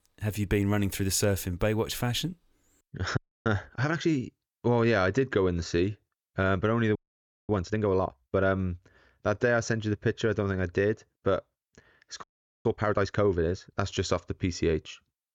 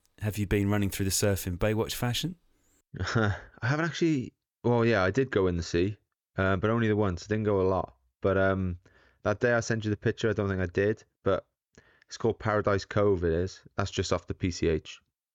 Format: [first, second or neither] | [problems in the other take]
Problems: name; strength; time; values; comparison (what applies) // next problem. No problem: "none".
second | audio freezing; at 3 s, at 7 s for 0.5 s and at 12 s